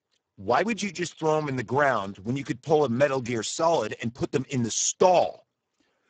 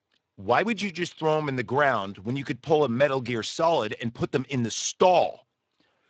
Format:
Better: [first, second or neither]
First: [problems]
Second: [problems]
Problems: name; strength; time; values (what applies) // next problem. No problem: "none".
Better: second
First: garbled, watery; badly; nothing above 7.5 kHz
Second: garbled, watery; slightly